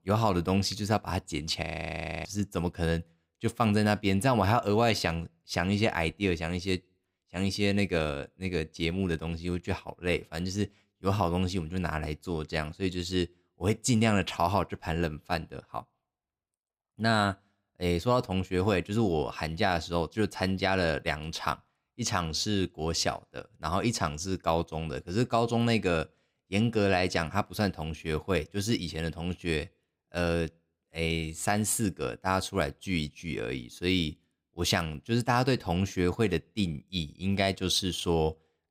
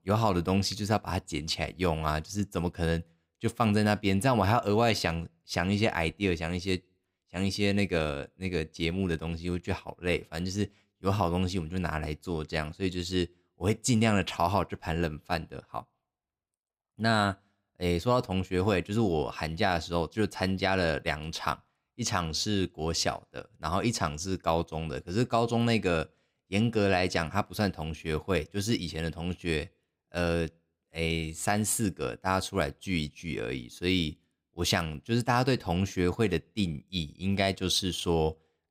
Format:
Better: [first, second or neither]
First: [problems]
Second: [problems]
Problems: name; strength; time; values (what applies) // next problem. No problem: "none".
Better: second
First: audio freezing; at 1.5 s for 0.5 s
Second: none